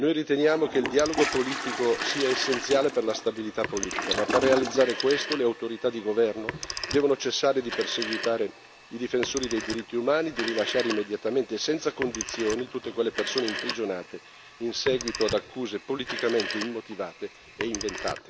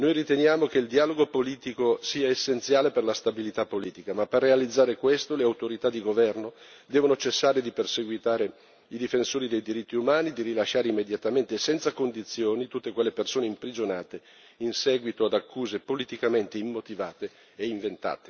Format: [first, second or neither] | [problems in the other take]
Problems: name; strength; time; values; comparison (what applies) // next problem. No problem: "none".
second | background sound (Toilet flush + Telephone); 7 dB below the speech